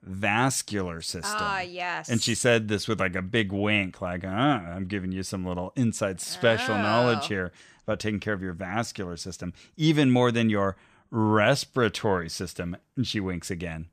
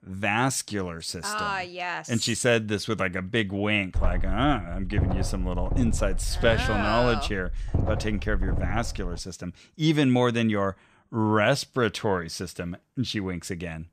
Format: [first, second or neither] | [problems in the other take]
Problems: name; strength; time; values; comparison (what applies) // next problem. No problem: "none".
first | low rumble; noticeable; from 4 to 9 s; 15 dB below the speech